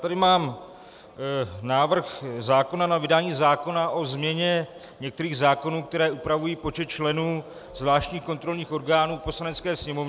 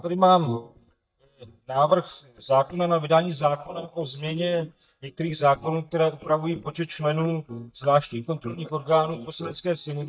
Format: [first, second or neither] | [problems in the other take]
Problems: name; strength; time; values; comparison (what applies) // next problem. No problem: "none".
first | noise reduction (neural mask model DeepFilterNet 3)